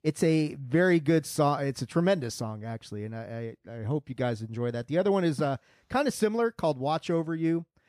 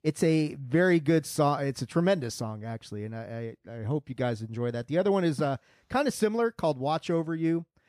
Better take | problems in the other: neither | none

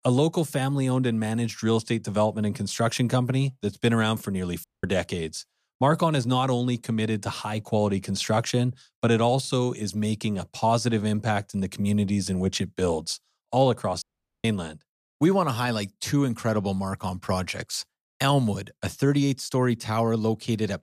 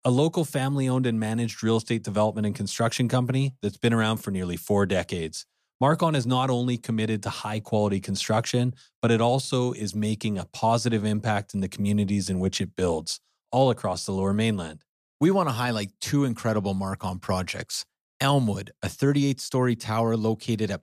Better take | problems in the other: second | audio cutting out; at 4.5 s and at 14 s

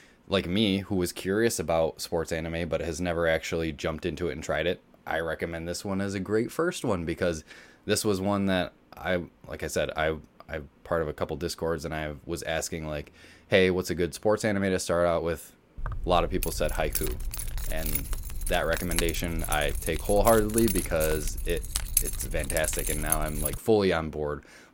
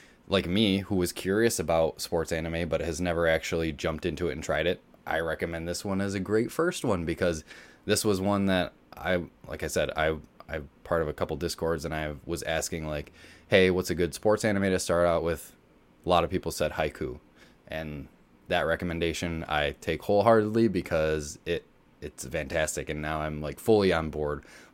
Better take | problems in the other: second | jangling keys; loud; from 16 to 24 s; peak 3 dB above the speech

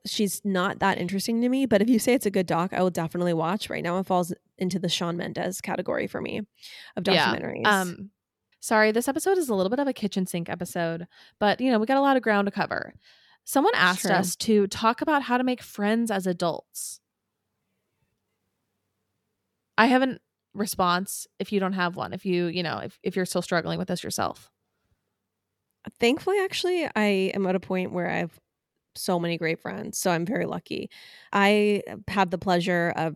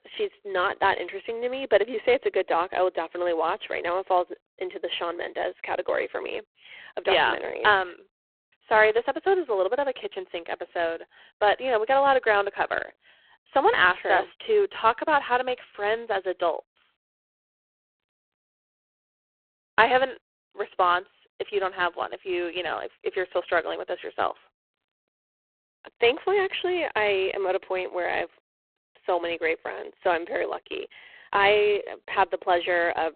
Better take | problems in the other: first | phone-call audio; poor line

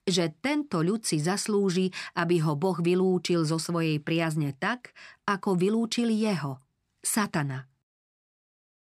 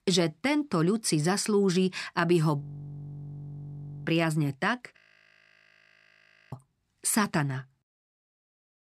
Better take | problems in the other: first | audio freezing; at 2.5 s for 1.5 s and at 5 s for 1.5 s

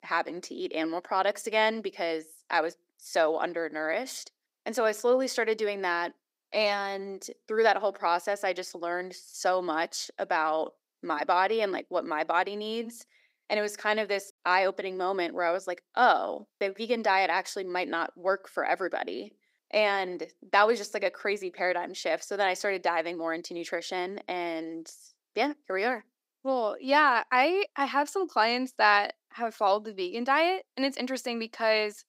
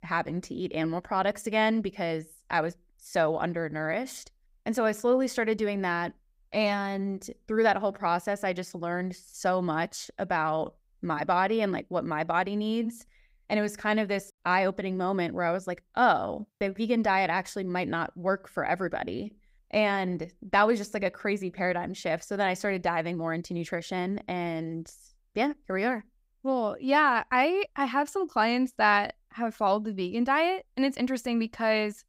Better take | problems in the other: second | thin; somewhat; fading below 300 Hz

